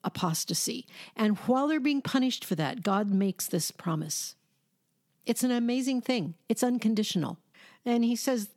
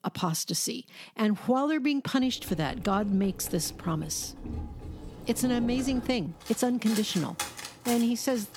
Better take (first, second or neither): first